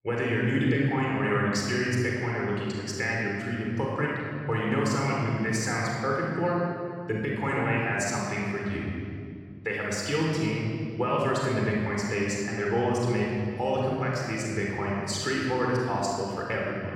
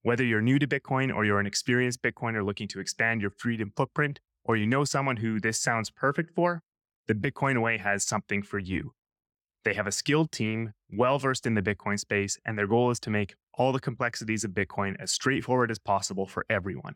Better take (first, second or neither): second